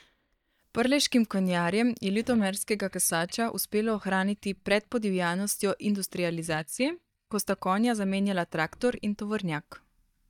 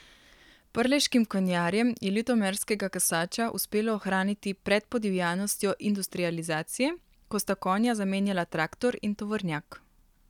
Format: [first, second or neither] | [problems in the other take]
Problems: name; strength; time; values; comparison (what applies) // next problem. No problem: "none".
second | noise reduction (neural mask model DeepFilterNet 3)